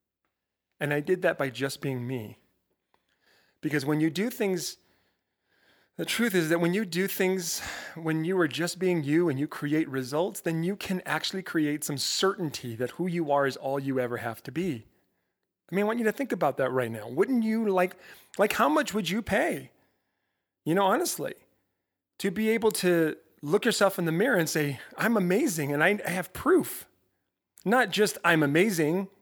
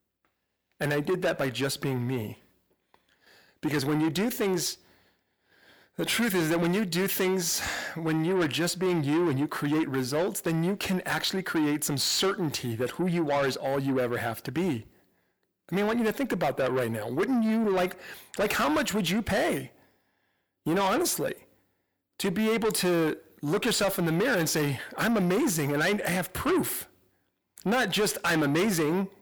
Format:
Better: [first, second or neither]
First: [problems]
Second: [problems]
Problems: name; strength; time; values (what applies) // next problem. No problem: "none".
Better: first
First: none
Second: distortion; heavy; 7 dB below the speech